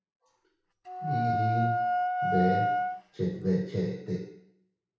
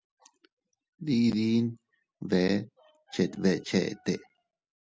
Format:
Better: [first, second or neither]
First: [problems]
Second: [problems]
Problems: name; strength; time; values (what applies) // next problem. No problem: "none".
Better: second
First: background sound (Wind instrument, woodwind instrument); 2 dB above the speech // room echo; dies away in 0.6 s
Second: none